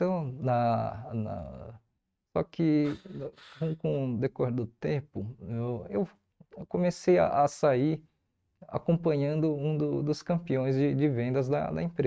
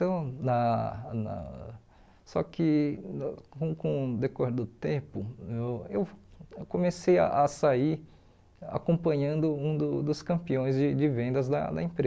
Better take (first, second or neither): second